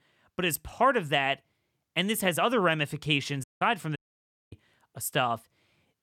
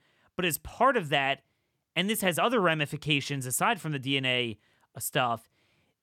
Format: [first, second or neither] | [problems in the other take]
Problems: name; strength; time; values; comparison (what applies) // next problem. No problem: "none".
second | audio cutting out; at 3.5 s and at 4 s for 0.5 s